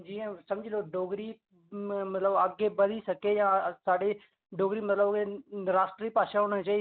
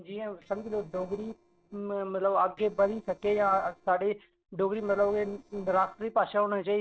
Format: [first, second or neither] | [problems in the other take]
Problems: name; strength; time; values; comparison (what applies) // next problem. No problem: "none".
first | noise reduction (neural separator model SepFormer DNS4)